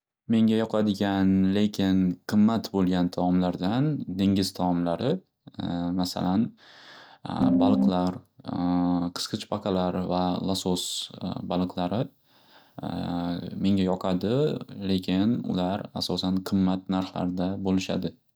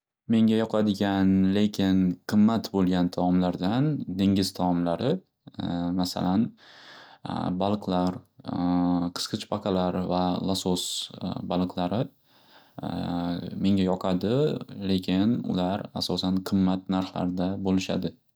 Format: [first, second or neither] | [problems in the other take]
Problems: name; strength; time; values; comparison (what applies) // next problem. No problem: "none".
second | background sound (Piano); 5 dB above the speech